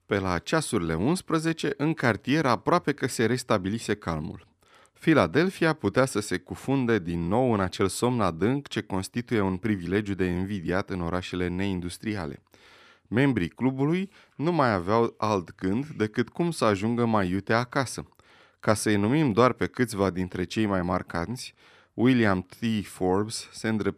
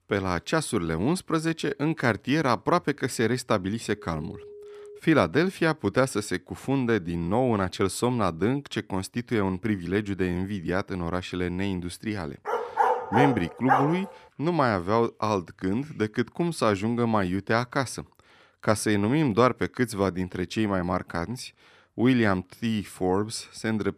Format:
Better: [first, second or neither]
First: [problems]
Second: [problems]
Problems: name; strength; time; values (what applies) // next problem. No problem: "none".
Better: first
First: none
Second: phone ringing; faint; from 4 to 5 s; peak 20 dB below the speech // dog barking; loud; from 12 to 14 s; peak 2 dB above the speech